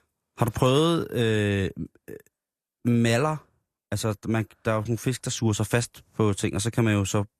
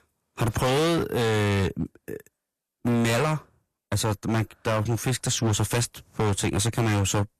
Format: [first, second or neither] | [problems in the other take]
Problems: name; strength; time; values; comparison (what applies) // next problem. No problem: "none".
first | distortion; heavy; 16% of the sound clipped